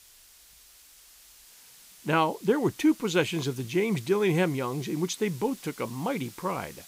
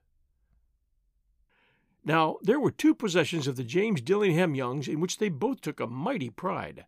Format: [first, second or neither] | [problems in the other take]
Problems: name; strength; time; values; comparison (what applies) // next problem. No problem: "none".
second | hiss; faint; throughout; 20 dB below the speech